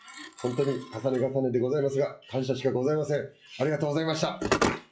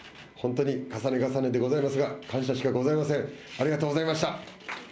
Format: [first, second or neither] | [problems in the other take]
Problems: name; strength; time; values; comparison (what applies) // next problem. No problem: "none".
second | noise reduction (classical method WPE with log-MMSE)